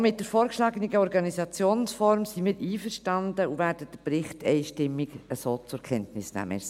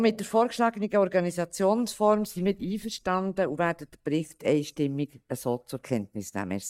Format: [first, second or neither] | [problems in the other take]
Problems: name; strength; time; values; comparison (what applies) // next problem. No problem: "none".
first | noise reduction (neural mask model DeepFilterNet 3)